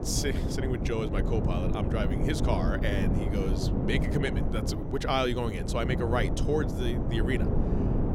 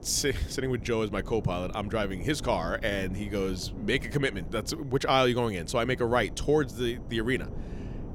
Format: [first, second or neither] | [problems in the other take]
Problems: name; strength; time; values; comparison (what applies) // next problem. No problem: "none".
second | wind noise on the microphone; heavy; 4 dB below the speech; occasional gusts in the second